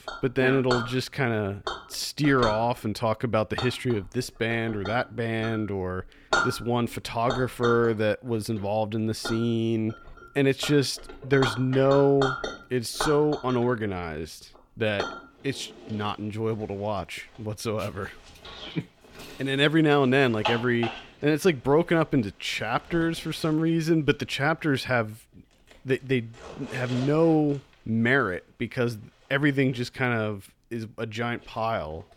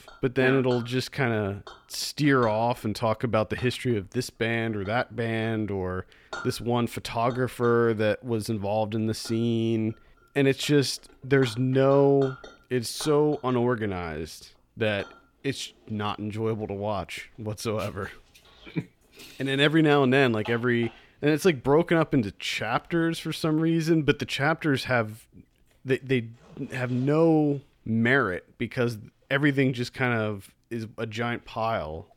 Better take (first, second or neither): second